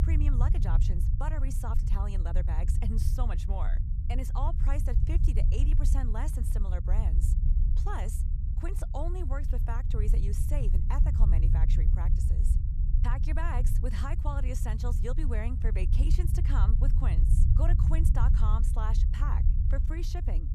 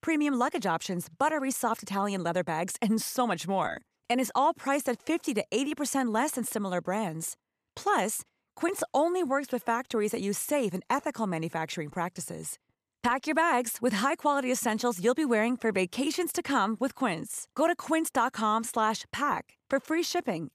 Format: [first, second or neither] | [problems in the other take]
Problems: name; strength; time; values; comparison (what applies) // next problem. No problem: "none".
second | low rumble; loud; throughout; 5 dB below the speech